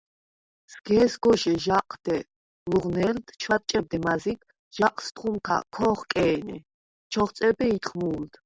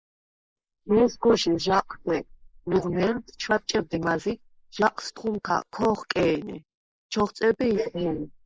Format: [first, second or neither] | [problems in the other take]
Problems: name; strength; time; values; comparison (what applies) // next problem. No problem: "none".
first | noise reduction (neural mask model Resemble Enhance denoiser)